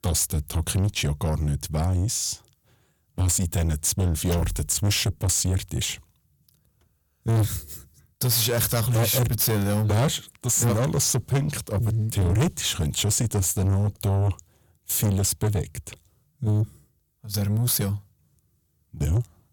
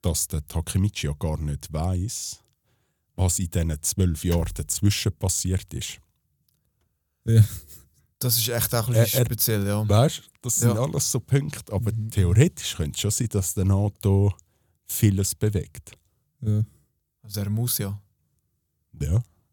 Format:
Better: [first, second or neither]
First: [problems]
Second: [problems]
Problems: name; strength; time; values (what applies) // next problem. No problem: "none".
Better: second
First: distortion; heavy; 6 dB below the speech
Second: none